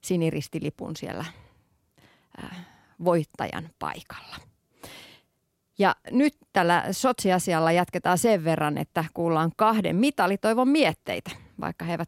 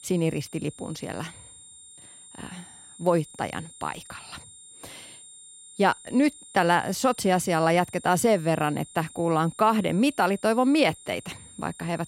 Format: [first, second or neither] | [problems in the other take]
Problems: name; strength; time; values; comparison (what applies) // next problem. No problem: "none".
first | high-pitched whine; noticeable; throughout; 9 kHz, 20 dB below the speech